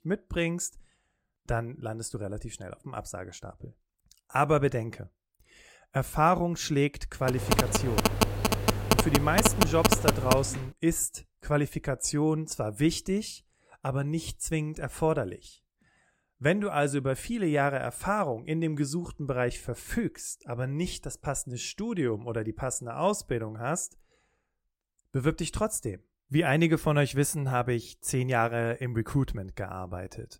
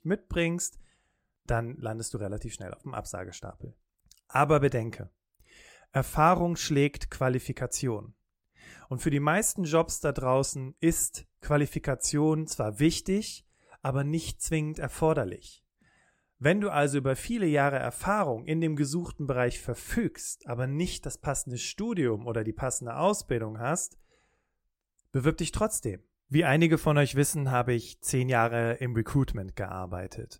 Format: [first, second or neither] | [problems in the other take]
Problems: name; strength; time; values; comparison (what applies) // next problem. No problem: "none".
second | phone ringing; loud; from 7.5 to 11 s; peak 5 dB above the speech